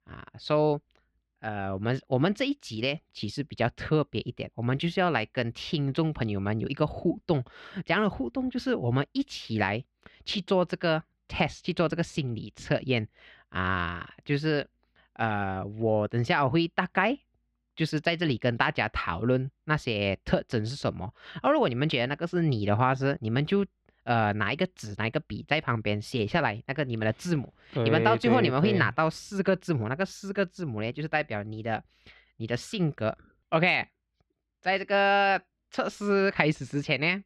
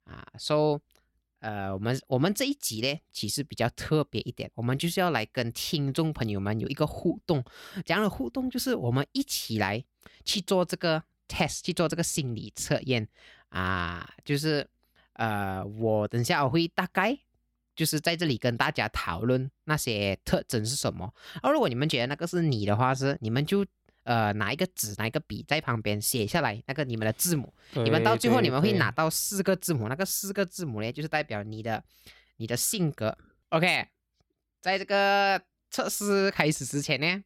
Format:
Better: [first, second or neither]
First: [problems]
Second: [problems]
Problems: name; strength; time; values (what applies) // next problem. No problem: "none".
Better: second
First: muffled; slightly; fading above 2.5 kHz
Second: none